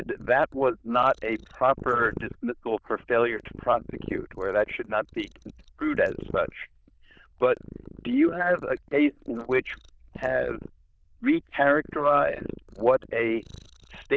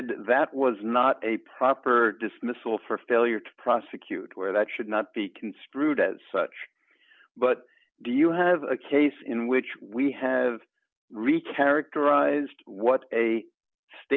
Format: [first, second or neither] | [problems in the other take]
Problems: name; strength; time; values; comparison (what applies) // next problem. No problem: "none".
second | noise reduction (neural diffusion model UNIVERSE++)